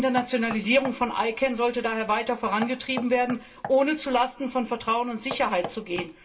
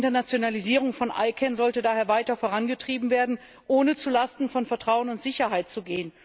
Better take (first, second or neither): second